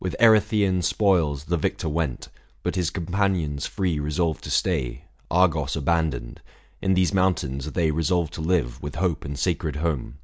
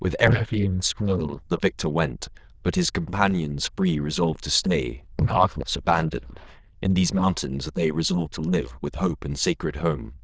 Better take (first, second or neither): first